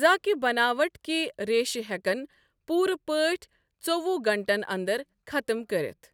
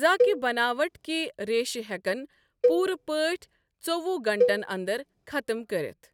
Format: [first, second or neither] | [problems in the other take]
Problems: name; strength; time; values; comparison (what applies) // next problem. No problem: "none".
first | background sound (Cowbell); 2 dB below the speech